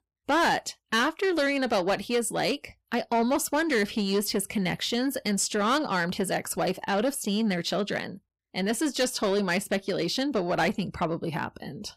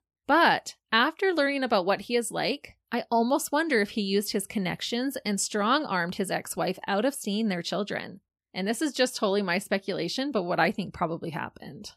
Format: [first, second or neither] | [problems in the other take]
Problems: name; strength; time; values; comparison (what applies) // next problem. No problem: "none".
second | distortion; slight; 10 dB below the speech